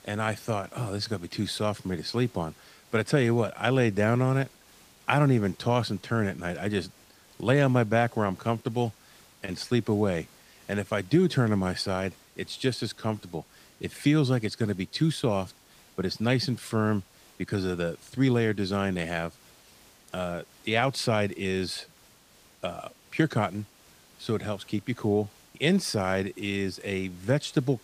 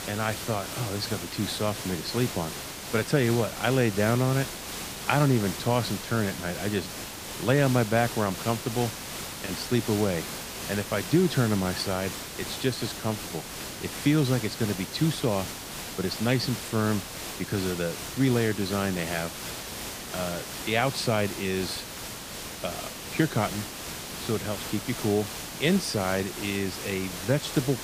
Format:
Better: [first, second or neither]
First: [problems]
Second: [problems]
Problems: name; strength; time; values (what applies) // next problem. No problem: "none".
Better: first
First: hiss; faint; throughout; 25 dB below the speech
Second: hiss; loud; throughout; 7 dB below the speech